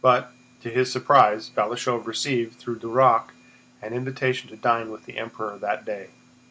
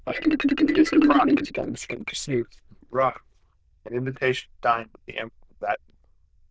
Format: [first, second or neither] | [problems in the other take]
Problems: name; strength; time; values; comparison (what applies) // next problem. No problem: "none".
first | noise reduction (neural diffusion model UNIVERSE++)